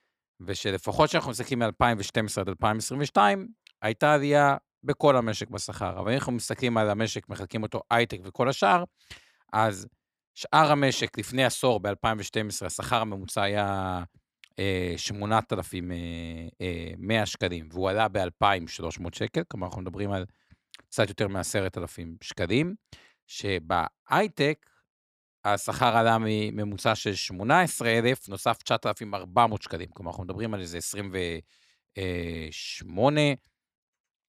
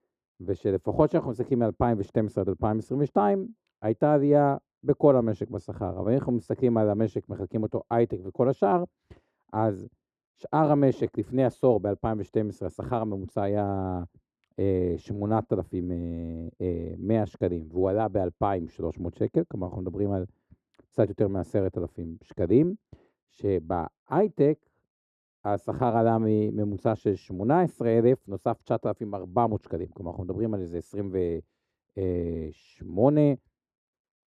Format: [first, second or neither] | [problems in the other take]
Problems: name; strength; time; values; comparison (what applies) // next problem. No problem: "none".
first | muffled; very; fading above 1.5 kHz